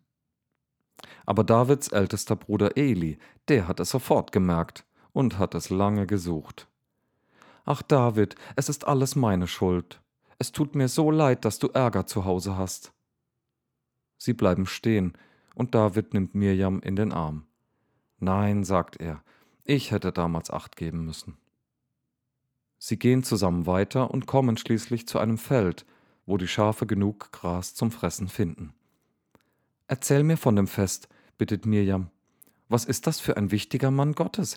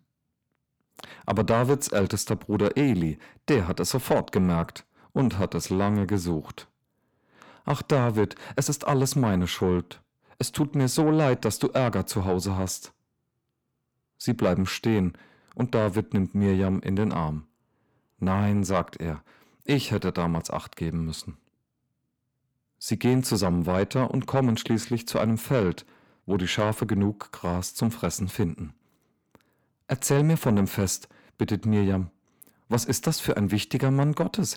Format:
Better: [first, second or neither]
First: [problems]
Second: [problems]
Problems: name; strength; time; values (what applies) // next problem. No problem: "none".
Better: first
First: none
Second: distortion; slight; 10 dB below the speech